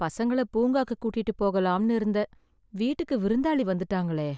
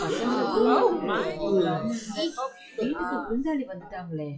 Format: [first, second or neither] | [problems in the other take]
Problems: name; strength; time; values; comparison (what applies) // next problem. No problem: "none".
first | noise reduction (classical method WPE with log-MMSE)